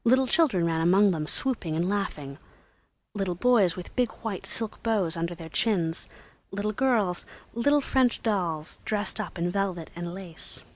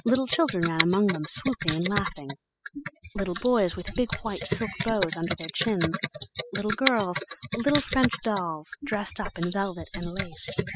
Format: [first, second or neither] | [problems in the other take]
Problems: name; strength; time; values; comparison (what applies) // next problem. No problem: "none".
first | noise reduction (classical method spectral subtraction)